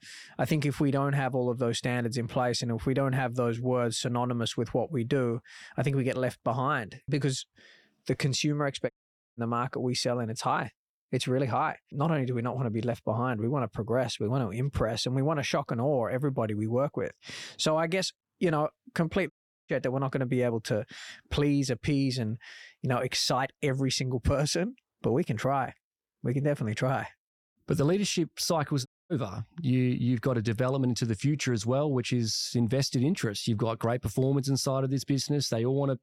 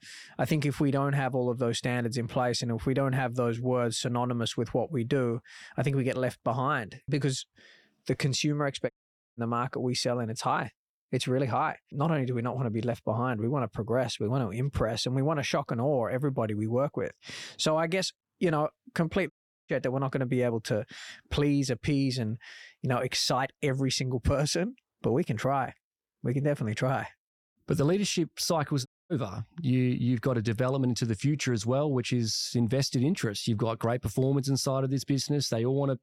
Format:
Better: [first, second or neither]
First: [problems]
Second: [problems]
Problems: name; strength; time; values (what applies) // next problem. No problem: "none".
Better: neither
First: audio cutting out; at 9 s, at 19 s and at 29 s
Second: audio cutting out; at 9 s, at 19 s and at 29 s